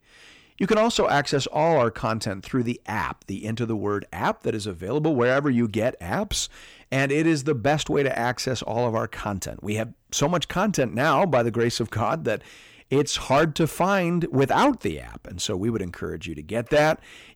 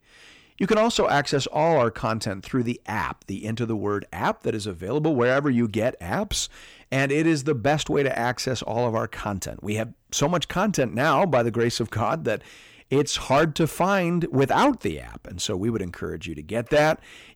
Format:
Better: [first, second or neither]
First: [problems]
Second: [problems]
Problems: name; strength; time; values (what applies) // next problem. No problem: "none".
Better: neither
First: distortion; slight; 10 dB below the speech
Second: distortion; slight; 10 dB below the speech